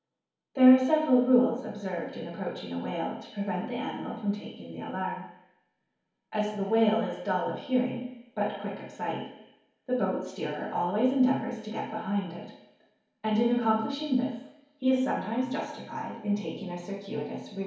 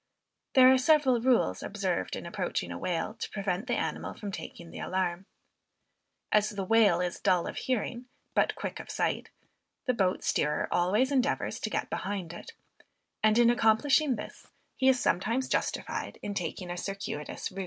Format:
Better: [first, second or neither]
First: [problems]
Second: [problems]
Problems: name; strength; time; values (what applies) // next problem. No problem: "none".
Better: second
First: room echo; dies away in 2.2 s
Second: none